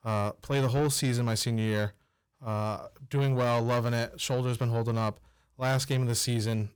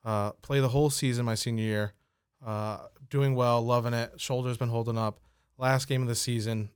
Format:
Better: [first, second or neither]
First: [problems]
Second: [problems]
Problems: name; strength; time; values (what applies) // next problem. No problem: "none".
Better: second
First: distortion; slight; 10 dB below the speech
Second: none